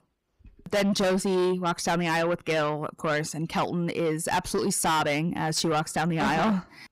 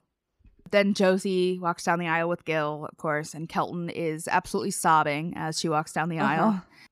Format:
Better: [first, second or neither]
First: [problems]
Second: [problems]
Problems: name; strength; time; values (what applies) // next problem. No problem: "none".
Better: second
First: distortion; heavy; 6 dB below the speech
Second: none